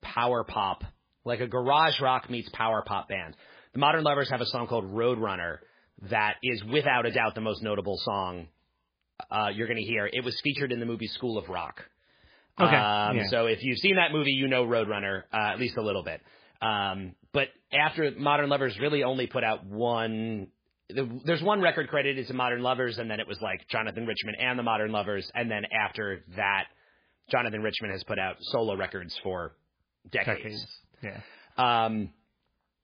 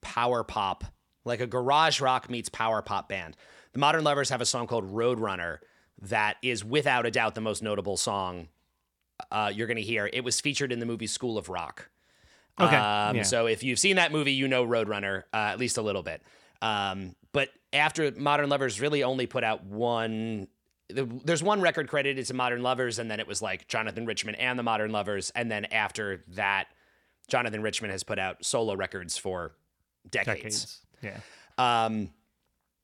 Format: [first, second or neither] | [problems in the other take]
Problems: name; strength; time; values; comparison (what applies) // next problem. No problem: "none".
second | garbled, watery; badly; nothing above 5 kHz